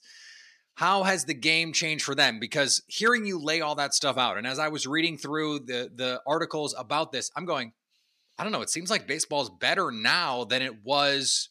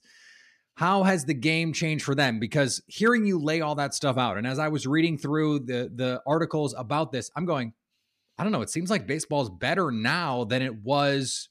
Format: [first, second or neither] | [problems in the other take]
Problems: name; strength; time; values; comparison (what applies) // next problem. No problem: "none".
second | thin; somewhat; fading below 650 Hz